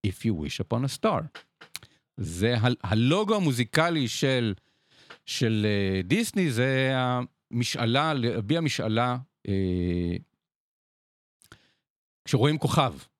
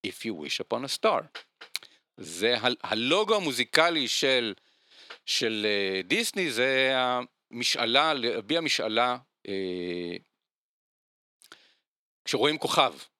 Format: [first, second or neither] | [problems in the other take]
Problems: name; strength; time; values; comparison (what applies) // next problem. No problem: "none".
first | thin; somewhat; fading below 450 Hz